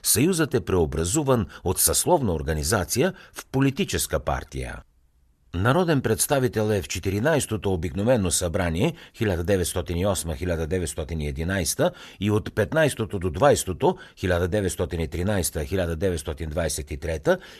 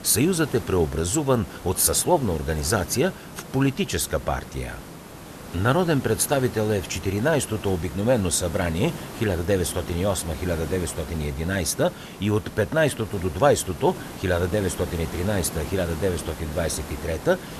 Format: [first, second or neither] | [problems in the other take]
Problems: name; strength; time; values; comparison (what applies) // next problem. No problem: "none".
first | hiss; noticeable; throughout; 15 dB below the speech